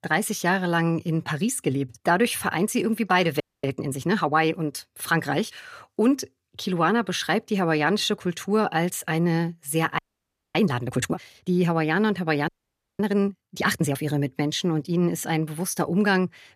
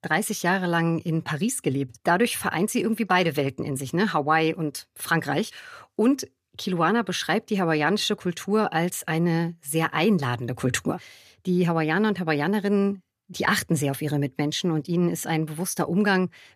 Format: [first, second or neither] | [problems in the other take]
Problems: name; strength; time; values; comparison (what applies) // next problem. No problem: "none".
second | audio freezing; at 3.5 s, at 10 s for 0.5 s and at 12 s for 0.5 s